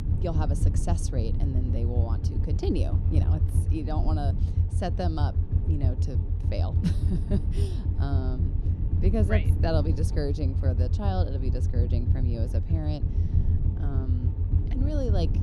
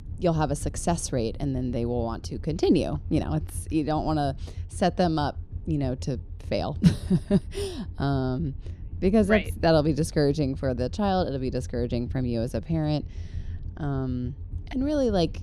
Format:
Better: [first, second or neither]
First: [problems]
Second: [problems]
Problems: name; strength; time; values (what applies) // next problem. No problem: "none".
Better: second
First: low rumble; loud; throughout; 5 dB below the speech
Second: low rumble; faint; throughout; 25 dB below the speech